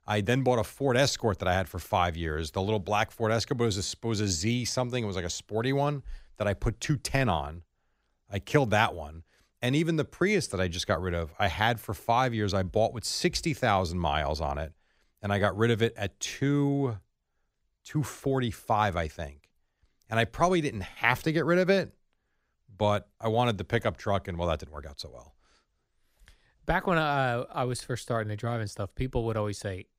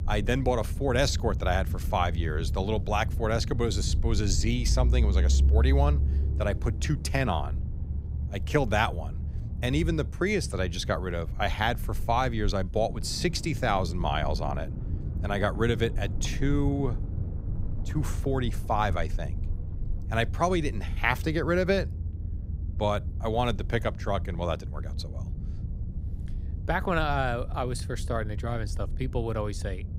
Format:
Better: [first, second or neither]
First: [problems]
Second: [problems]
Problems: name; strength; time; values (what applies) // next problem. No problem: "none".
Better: first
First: none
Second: low rumble; noticeable; throughout; 20 dB below the speech